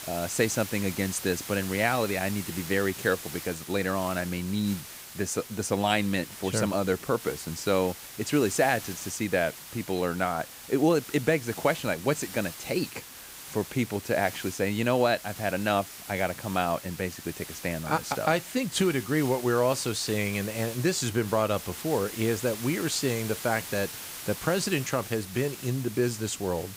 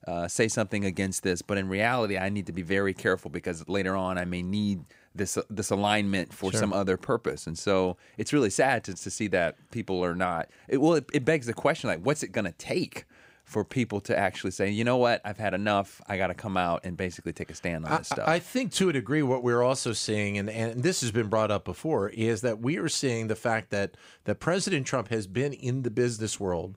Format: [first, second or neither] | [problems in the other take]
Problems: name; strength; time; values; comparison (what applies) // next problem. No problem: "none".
second | hiss; noticeable; throughout; 10 dB below the speech